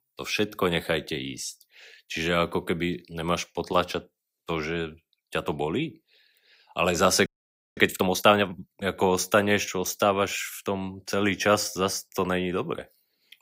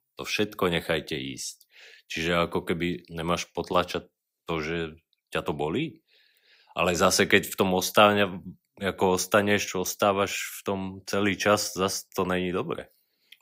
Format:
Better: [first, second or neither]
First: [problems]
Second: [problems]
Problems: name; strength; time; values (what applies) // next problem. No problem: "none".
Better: second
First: audio freezing; at 7.5 s for 0.5 s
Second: none